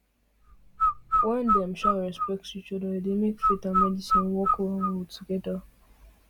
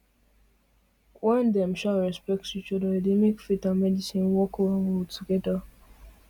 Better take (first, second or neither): second